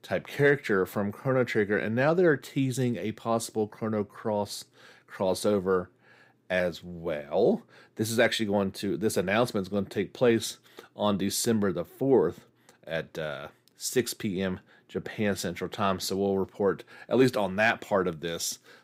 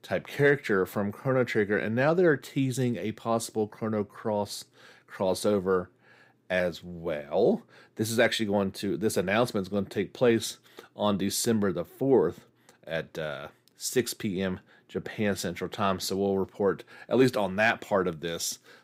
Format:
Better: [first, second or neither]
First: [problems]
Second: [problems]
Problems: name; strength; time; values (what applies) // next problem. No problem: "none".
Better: neither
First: none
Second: none